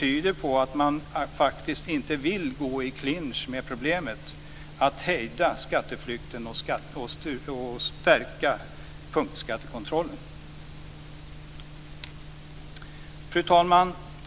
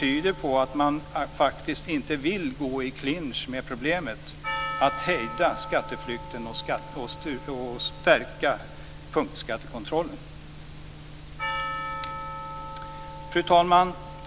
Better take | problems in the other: first | background sound (Percussion); 11 dB below the speech

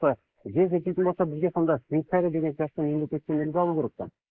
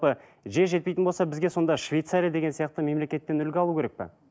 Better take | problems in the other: second | noise reduction (neural mask model Resemble Enhance denoiser)

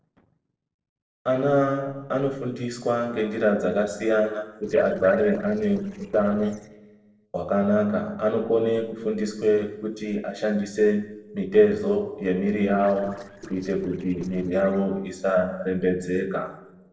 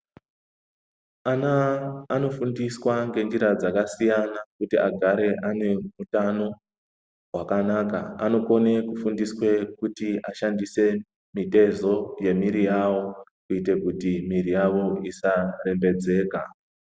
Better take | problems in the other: second | noise reduction (neural separator model SepFormer DNS4)

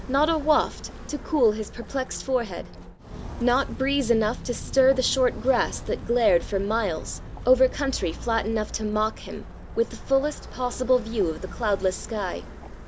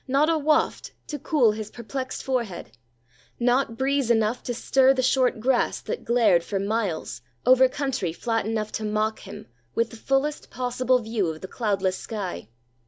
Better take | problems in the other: second | background sound (Walk, footsteps); 12 dB below the speech

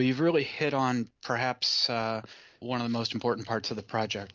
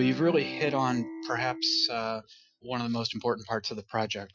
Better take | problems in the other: first | noise reduction (classical method Wiener filter)

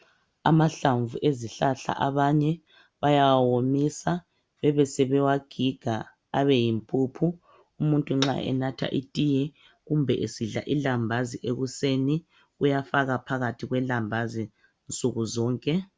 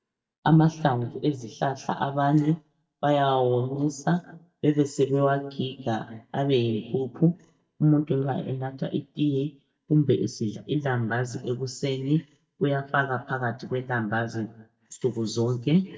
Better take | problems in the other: first | noise reduction (neural mask model DeepFilterNet 3)

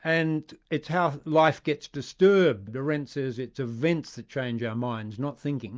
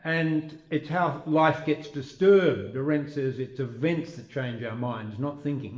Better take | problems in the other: first | room echo; dies away in 0.8 s

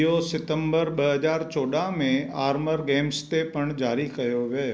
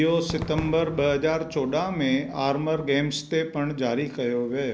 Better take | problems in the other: first | background sound (Crowd / Cheering / Fireworks); 16 dB below the speech

